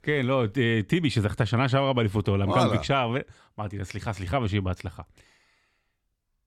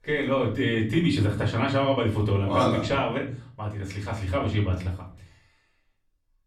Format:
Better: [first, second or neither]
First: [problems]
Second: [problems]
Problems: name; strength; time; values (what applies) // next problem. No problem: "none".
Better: first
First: none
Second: room echo; slight; dies away in 0.4 s // off-mic speech; far